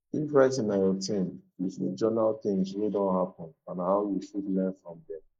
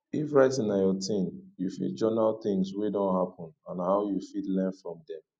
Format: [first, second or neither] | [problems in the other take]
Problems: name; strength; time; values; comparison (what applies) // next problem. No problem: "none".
second | noise reduction (neural mask model Resemble Enhance denoiser)